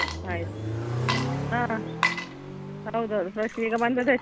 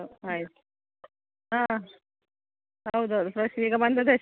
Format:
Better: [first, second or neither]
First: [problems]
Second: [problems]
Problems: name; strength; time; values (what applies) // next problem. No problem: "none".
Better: second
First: background sound (Water / Liquid + Accelerating, revving, vroom); 1 dB below the speech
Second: none